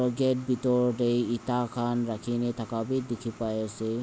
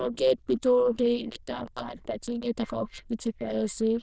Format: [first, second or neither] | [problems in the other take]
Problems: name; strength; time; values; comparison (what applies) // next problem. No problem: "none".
first | noise reduction (neural diffusion model UNIVERSE++)